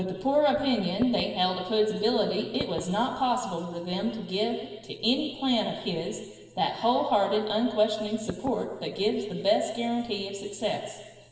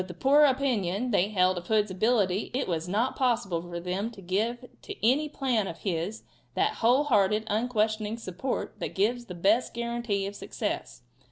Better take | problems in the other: second | background sound (Knock / Wood); 13 dB below the speech // room echo; dies away in 1.5 s

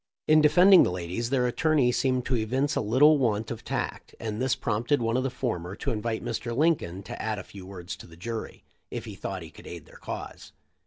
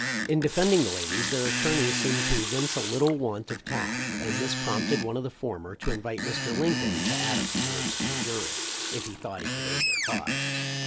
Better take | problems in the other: first | background sound (Water tap, faucet + Screech); as loud as the speech

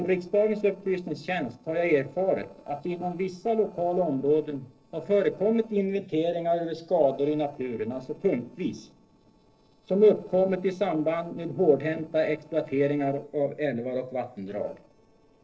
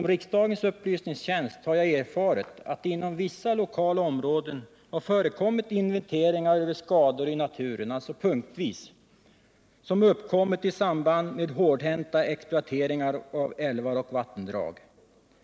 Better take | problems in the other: second | noise reduction (neural separator model SepFormer DNS4)

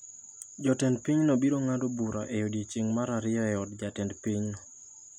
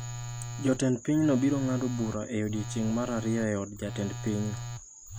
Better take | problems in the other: first | background sound (Telephone); 9 dB below the speech

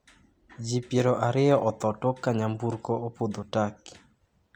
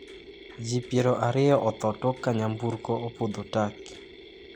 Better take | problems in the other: first | background sound (Mechanisms); 18 dB below the speech

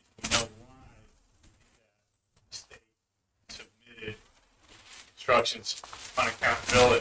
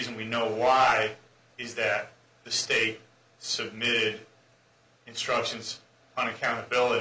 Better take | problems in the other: second | noise reduction (neural mask model RNNoise)

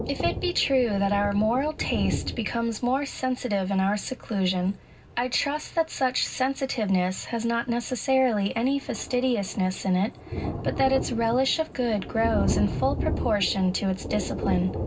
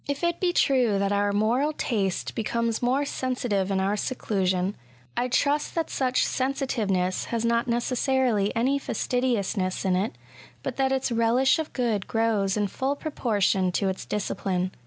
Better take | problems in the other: second | background sound (Thunder); 8 dB below the speech // room echo; dies away in 0.4 s

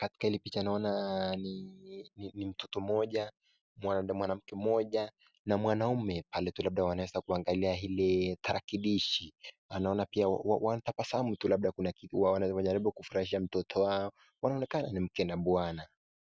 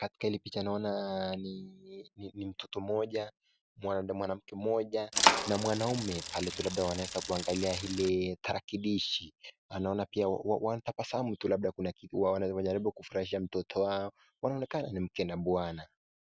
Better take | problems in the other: first | background sound (Bicycle); 1 dB above the speech

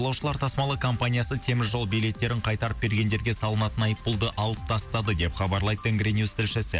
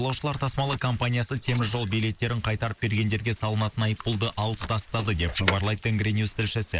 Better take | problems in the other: first | noise reduction (neural mask model Resemble Enhance denoiser)

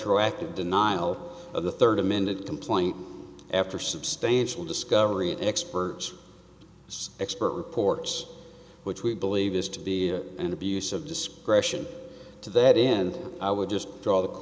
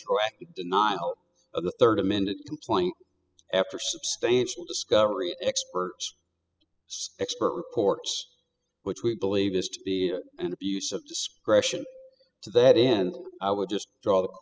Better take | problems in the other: first | noise reduction (classical method spectral subtraction)

